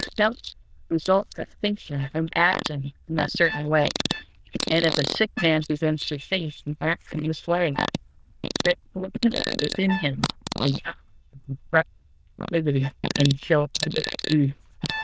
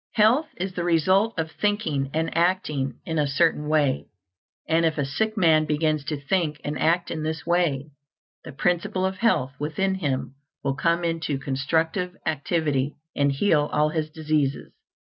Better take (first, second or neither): second